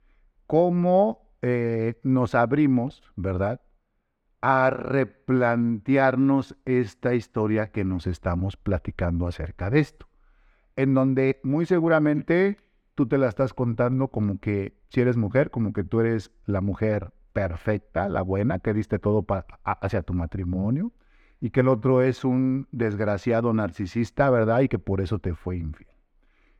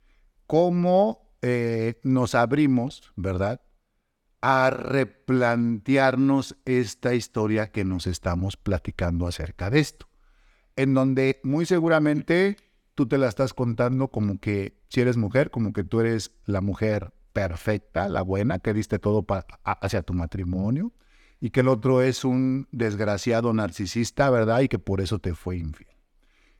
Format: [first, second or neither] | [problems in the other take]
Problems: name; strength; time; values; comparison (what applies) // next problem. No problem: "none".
second | muffled; slightly; fading above 3.5 kHz